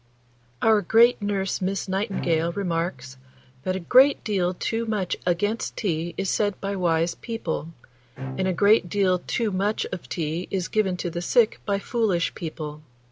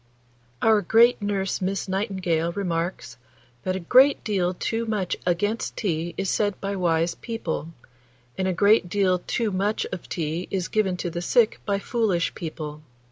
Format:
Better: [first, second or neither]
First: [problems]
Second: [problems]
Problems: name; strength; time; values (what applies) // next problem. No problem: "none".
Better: second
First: background sound (Bowed string instrument); 16 dB below the speech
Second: none